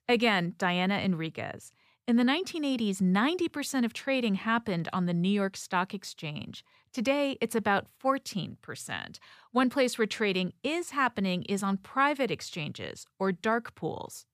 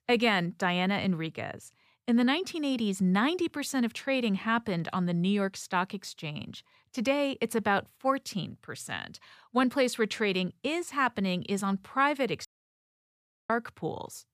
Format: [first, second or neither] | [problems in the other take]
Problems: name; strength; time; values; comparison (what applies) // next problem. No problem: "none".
first | audio cutting out; at 12 s for 1 s